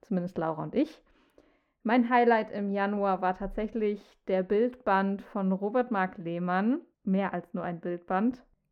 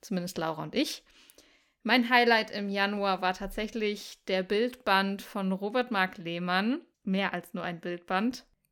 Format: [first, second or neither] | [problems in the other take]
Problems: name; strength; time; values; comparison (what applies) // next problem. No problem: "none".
second | muffled; very; fading above 2.5 kHz